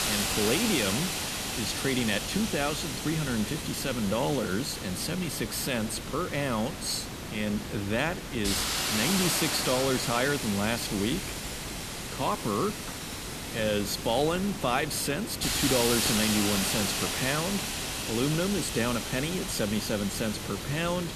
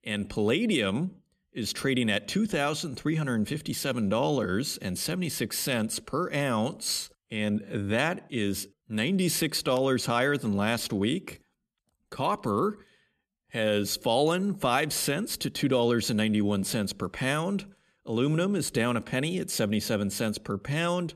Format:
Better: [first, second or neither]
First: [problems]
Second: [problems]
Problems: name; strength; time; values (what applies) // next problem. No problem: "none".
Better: second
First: hiss; loud; throughout; 2 dB below the speech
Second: none